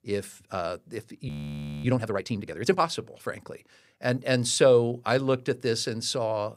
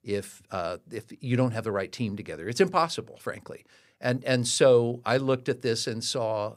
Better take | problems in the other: second | audio freezing; at 1.5 s for 0.5 s

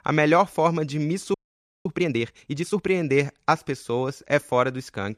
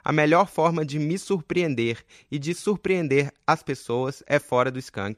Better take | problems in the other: second | audio freezing; at 1.5 s for 0.5 s

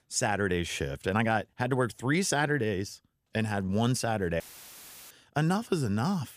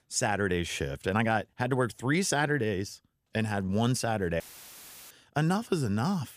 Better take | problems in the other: neither | audio cutting out; filled with static; at 4.5 s for 0.5 s; the same in both

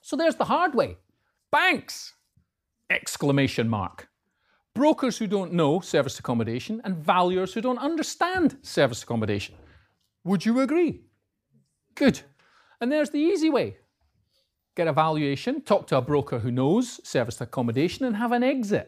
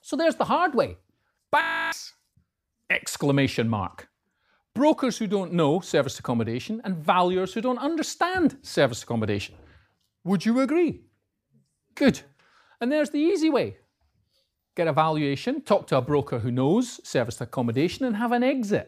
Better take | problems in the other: first | audio freezing; at 1.5 s

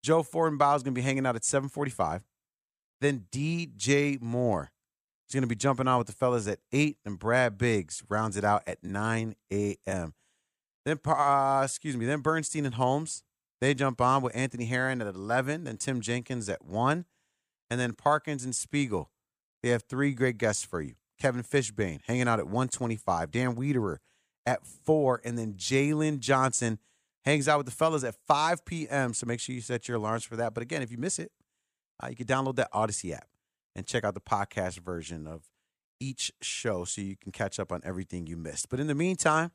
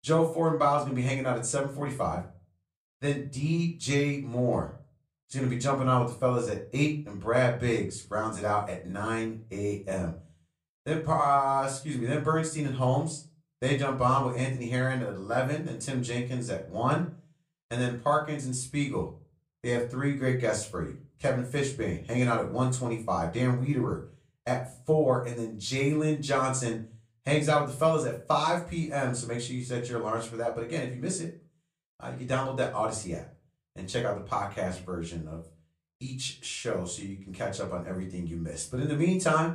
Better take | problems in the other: first | off-mic speech; far // room echo; slight; dies away in 0.3 s

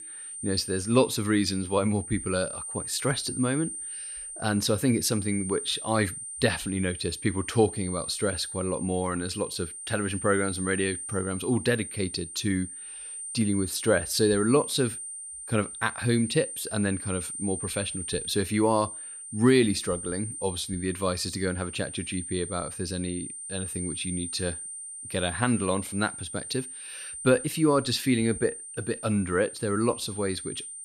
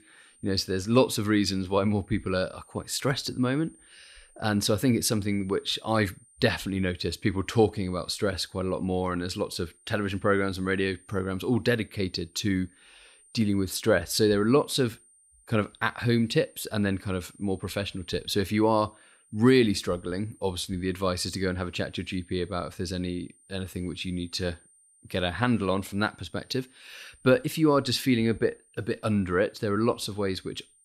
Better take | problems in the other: second | high-pitched whine; loud; throughout; 9 kHz, 8 dB below the speech; faint in the second

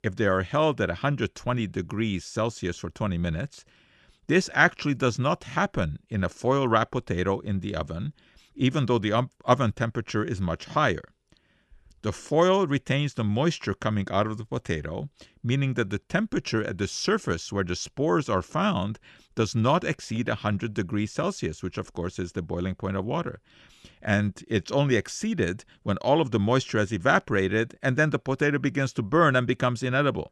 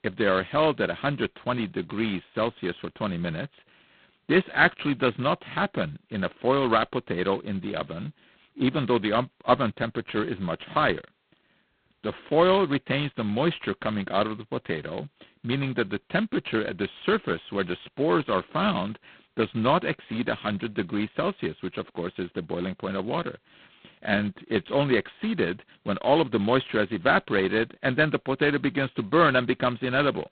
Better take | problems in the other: first | phone-call audio; poor line; nothing above 4 kHz

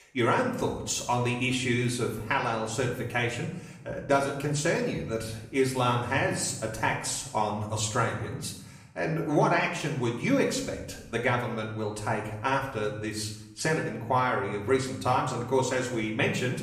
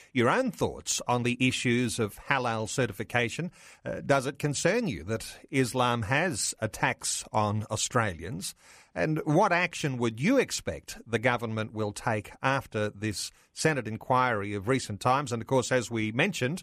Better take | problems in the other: second | room echo; slight; dies away in 0.7 s // off-mic speech; far

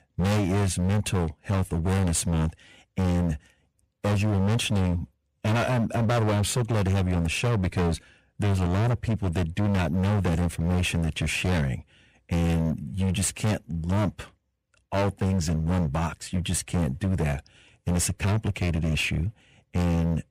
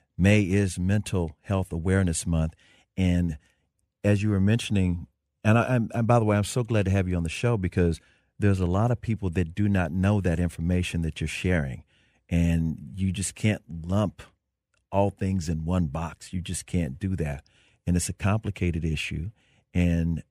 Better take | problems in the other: second | distortion; heavy; 27% of the sound clipped

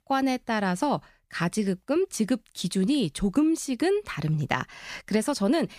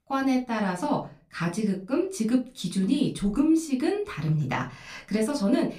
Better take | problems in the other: first | off-mic speech; somewhat distant // room echo; very slight; dies away in 0.3 s

